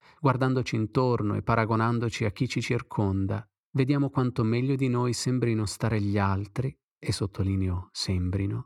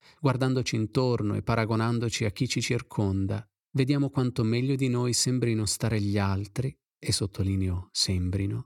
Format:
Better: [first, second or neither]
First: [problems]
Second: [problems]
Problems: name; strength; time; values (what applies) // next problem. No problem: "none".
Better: second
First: muffled; slightly; fading above 3.5 kHz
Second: none